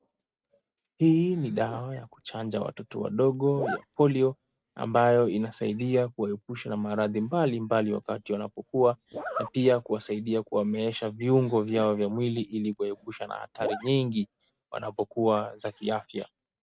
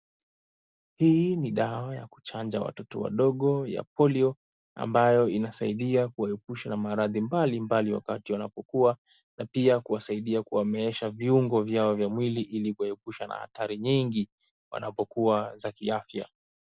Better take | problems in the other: second | noise reduction (neural mask model RNNoise)

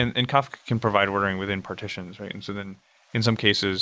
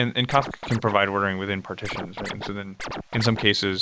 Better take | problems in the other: first | noise reduction (neural mask model Resemble Enhance denoiser)

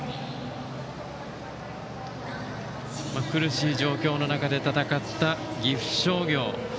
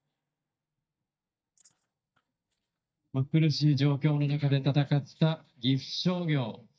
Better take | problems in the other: first | noise reduction (neural mask model DeepFilterNet 3)

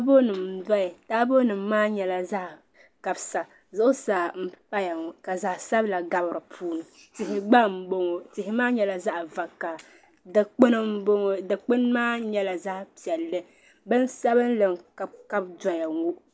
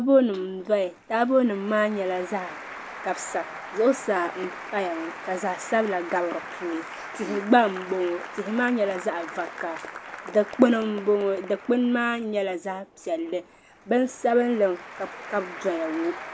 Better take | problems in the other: first | background sound (Applause); 14 dB below the speech

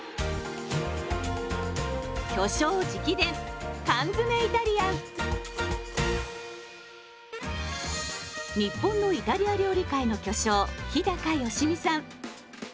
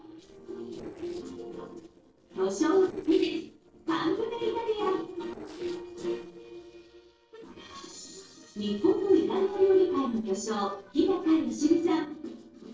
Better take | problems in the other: first | noise reduction (neural separator model SepFormer DNS4)

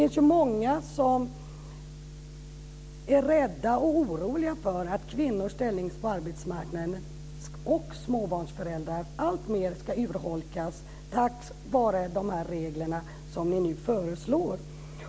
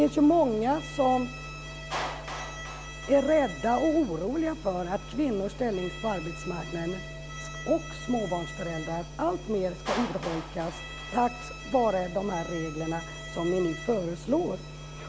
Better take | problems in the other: first | background sound (Clapping + Bowed string instrument); 13 dB below the speech

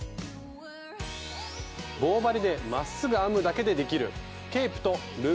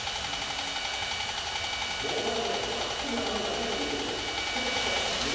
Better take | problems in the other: first | background sound (Sawing); 4 dB above the speech // room echo; dies away in 1.9 s

